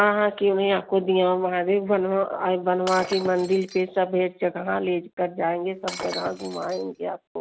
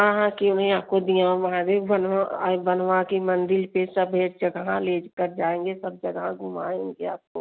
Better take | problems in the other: second | background sound (Shatter); 13 dB below the speech

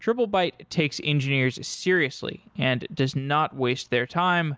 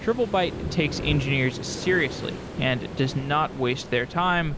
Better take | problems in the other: first | background sound (Waves, surf); 8 dB below the speech

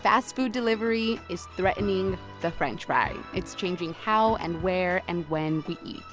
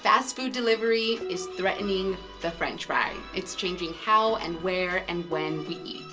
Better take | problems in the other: first | background sound (Dishes, pots, and pans); 16 dB below the speech // room echo; dies away in 0.2 s

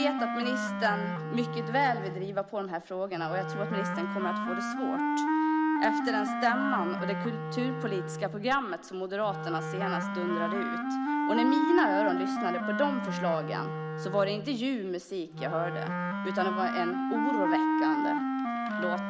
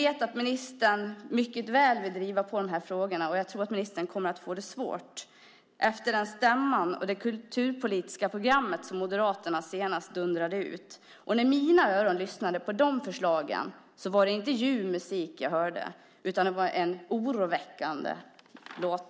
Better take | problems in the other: second | background sound (Wind instrument, woodwind instrument); 1 dB above the speech

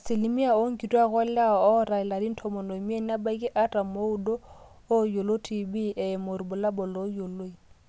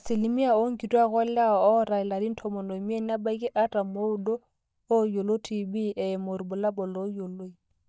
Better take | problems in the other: first | noise reduction (neural mask model DeepFilterNet 3)

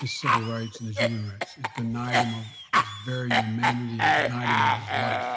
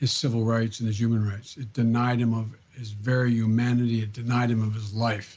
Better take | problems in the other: second | background sound (Cough); 4 dB above the speech

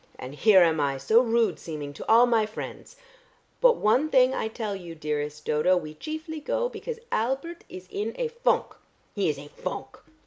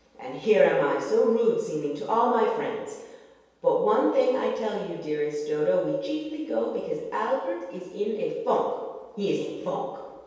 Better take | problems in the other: first | room echo; dies away in 1.2 s

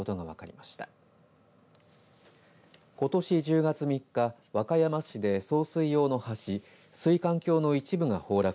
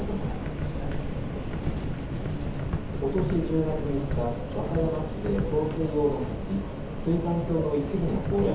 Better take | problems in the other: first | background sound (Subway, metro, underground); 1 dB below the speech // room echo; dies away in 0.8 s

